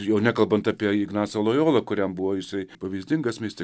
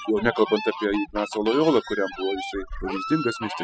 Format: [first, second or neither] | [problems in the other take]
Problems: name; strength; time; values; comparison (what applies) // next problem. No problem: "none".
first | noise reduction (classical method spectral subtraction)